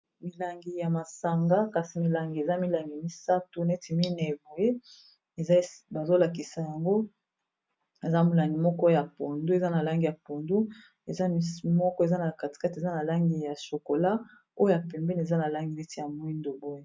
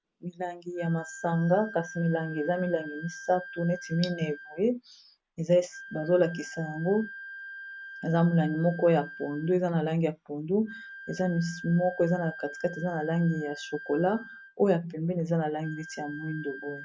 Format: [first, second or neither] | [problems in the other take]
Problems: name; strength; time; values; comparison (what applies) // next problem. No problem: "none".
first | background sound (Wind instrument, woodwind instrument); 15 dB below the speech